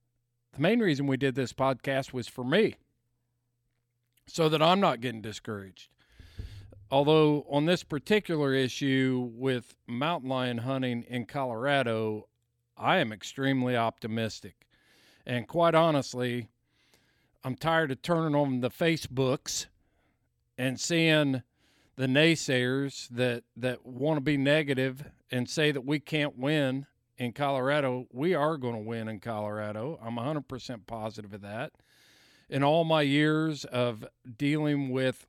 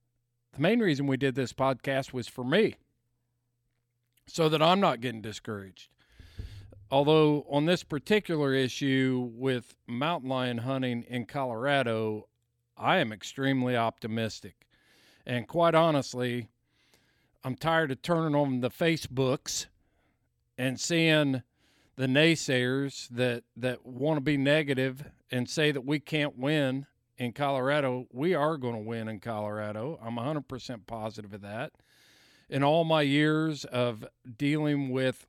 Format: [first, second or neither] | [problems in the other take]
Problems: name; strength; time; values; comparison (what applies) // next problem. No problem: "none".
neither | none